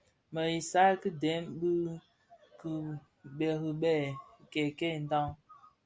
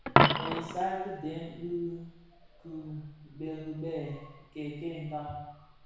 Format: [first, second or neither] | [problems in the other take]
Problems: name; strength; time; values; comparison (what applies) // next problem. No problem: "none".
first | background sound (Coin (dropping)); 4 dB above the speech // room echo; dies away in 1.1 s